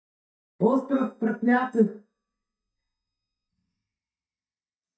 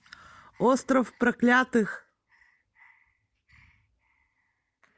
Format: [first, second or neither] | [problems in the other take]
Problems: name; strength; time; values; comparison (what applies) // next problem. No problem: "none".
second | noise reduction (neural mask model DeepFilterNet 3)